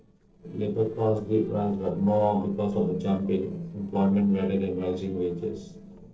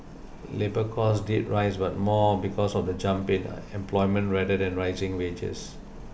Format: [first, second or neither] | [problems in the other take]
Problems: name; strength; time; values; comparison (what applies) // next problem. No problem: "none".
second | noise reduction (neural separator model SepFormer DNS4)